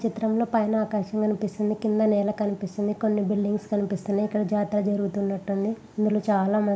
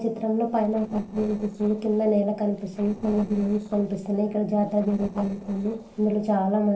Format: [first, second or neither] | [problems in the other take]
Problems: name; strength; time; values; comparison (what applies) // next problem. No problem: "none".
first | noise reduction (neural separator model SepFormer DNS4)